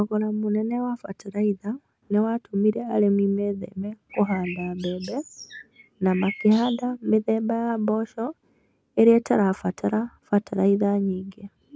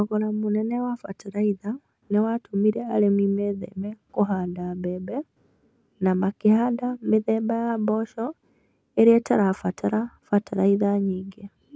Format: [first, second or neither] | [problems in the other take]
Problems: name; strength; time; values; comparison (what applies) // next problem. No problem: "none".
second | background sound (Bird); 16 dB below the speech